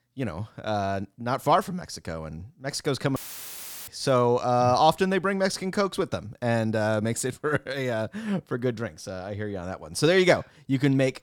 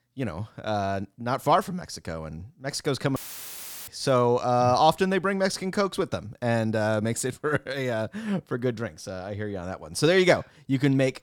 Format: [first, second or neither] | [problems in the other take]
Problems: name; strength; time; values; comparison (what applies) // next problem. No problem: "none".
neither | audio cutting out; filled with static; at 3 s for 0.5 s; the same in both